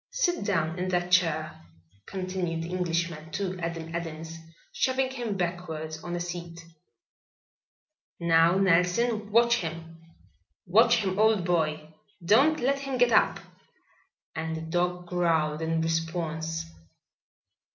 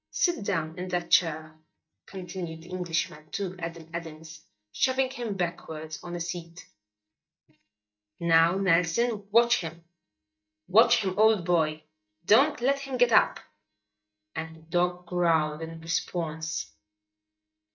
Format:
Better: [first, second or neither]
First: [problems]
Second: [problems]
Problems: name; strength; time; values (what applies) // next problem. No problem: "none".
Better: first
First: none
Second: noise reduction (neural mask model DeepFilterNet 3)